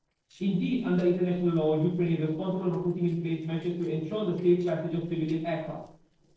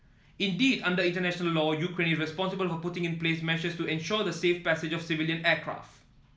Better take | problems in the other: second | noise reduction (neural separator model SepFormer DNS4)

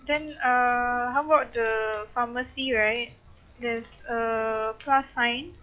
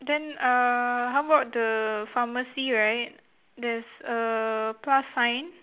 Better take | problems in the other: second | noise reduction (classical method log-MMSE)

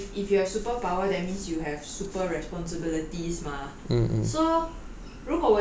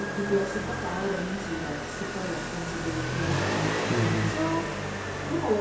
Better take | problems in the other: first | background sound (Motorcycle); as loud as the speech // room echo; dies away in 0.7 s

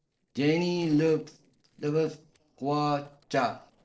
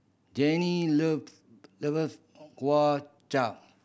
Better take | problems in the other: second | noise reduction (neural separator model SepFormer DNS4)

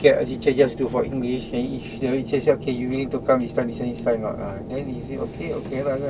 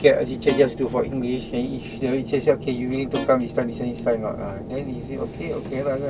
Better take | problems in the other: first | background sound (Guitar); 9 dB below the speech

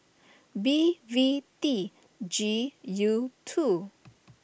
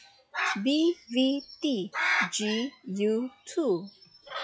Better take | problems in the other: first | noise reduction (classical method log-MMSE)

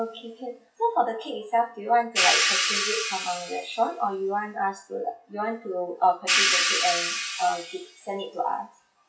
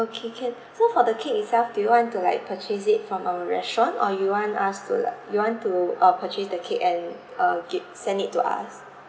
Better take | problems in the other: second | noise reduction (classical method WPE with log-MMSE)

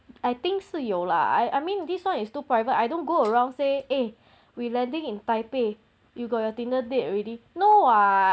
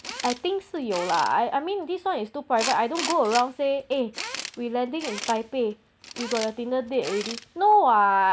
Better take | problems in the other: first | background sound (Tools); 13 dB below the speech

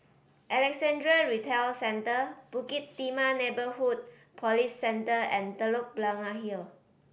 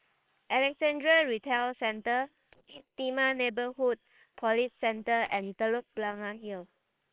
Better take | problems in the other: first | noise reduction (neural separator model SepFormer WHAM!)

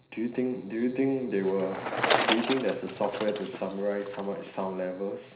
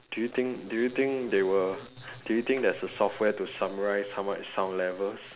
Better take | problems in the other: second | background sound (Bicycle); 4 dB below the speech // room echo; dies away in 0.5 s

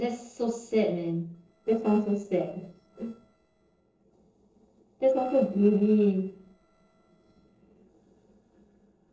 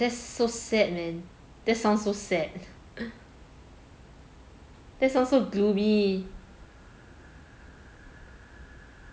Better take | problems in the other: second | noise reduction (neural separator model SepFormer DNS4)

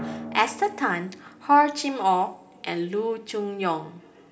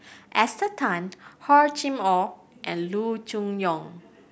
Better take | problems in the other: second | background sound (Drum); 17 dB below the speech // room echo; dies away in 0.8 s

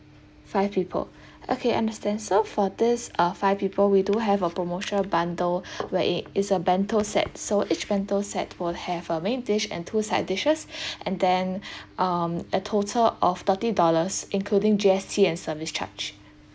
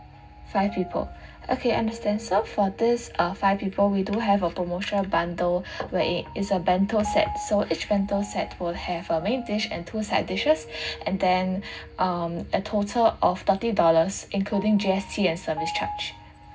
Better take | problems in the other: first | background sound (Piano); 16 dB below the speech // room echo; dies away in 0.4 s

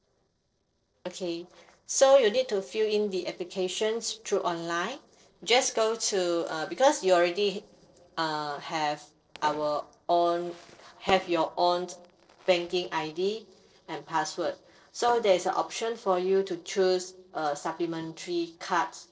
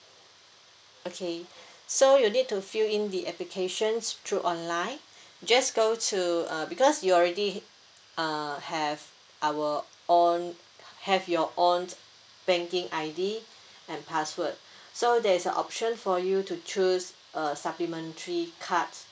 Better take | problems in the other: second | noise reduction (neural separator model SepFormer DNS4)

